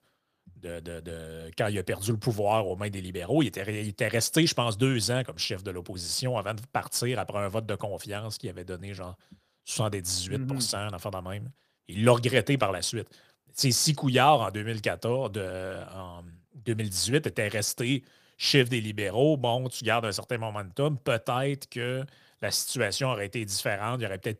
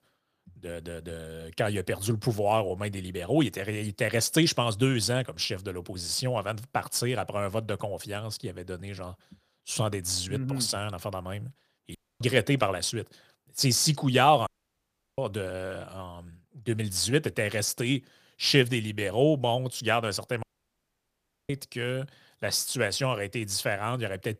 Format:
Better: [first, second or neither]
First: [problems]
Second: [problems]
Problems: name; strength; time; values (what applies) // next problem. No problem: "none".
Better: first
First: none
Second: audio cutting out; at 12 s, at 14 s for 0.5 s and at 20 s for 1 s